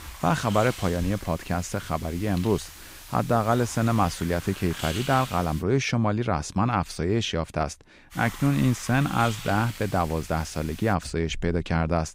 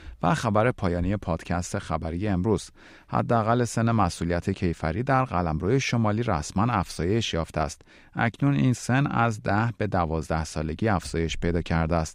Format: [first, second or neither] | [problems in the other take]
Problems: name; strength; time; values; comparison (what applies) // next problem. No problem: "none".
second | hiss; noticeable; until 5.5 s and from 8 to 11 s; 15 dB below the speech